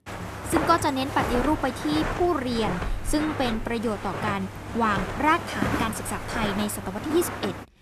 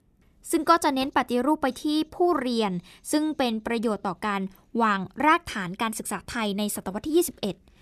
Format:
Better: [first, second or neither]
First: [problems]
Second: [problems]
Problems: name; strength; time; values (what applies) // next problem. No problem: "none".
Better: second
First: footsteps; noticeable; peak level with the speech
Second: none